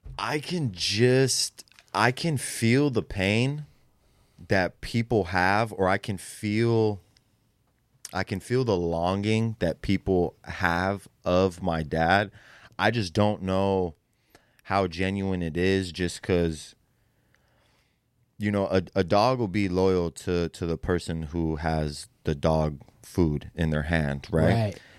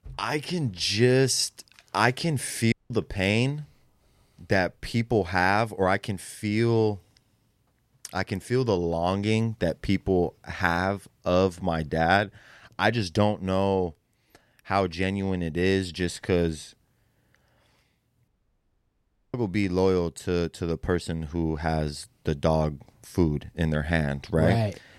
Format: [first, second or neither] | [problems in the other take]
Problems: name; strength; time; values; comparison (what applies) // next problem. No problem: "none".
first | audio cutting out; at 2.5 s and at 18 s for 1 s